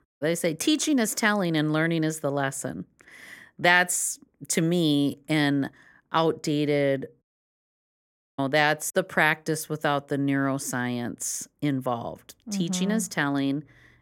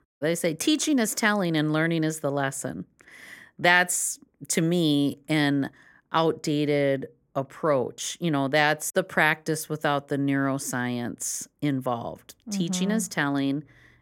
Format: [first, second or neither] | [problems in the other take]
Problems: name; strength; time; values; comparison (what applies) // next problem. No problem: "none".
second | audio cutting out; at 7 s for 1 s